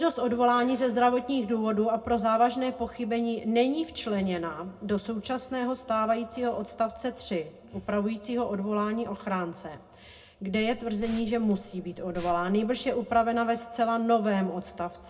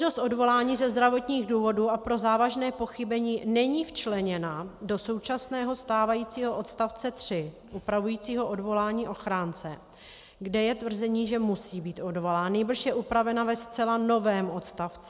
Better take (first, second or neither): second